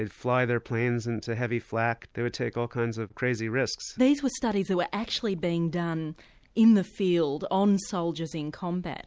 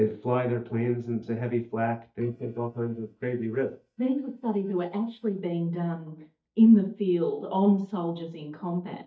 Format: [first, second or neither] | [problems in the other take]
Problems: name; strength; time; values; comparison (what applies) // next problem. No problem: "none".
first | noise reduction (neural mask model DeepFilterNet 3)